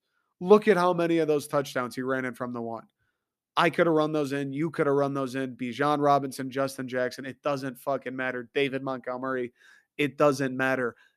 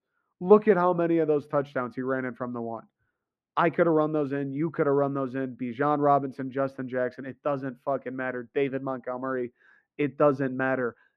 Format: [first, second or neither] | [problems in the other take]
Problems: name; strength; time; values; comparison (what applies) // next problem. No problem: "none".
first | muffled; very; fading above 3.5 kHz